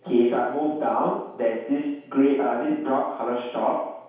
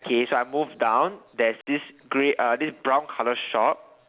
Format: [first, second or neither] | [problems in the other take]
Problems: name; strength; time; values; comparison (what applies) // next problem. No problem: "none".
second | room echo; dies away in 0.8 s